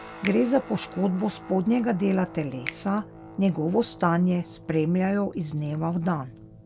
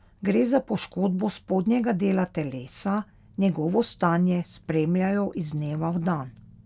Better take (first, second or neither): second